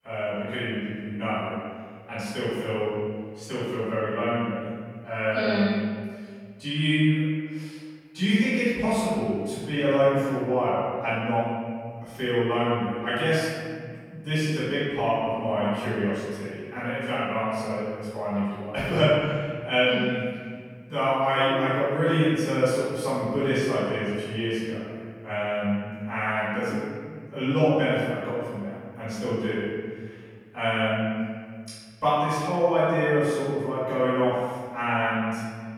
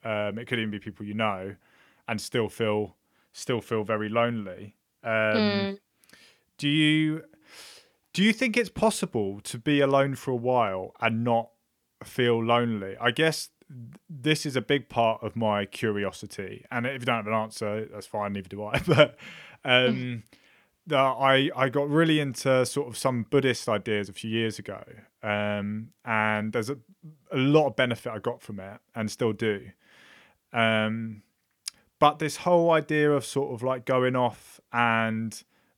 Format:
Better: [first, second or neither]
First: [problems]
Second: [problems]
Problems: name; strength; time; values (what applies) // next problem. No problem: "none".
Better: second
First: room echo; strong; dies away in 1.8 s // off-mic speech; far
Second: none